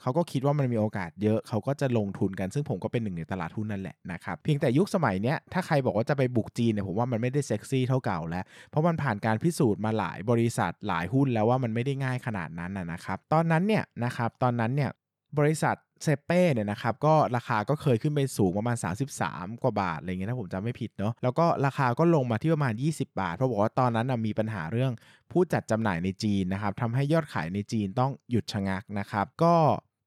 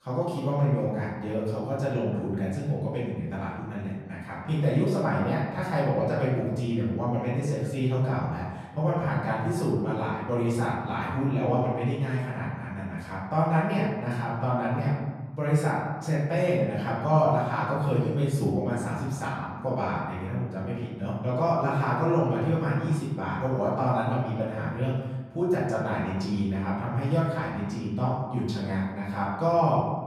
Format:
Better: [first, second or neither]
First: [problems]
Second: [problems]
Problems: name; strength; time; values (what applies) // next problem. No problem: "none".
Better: first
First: none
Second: room echo; noticeable; dies away in 1.2 s // off-mic speech; far